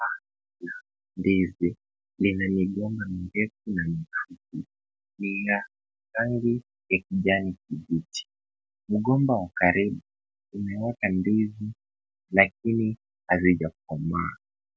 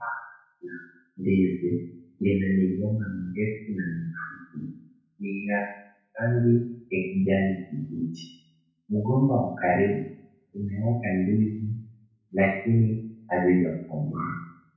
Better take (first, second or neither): first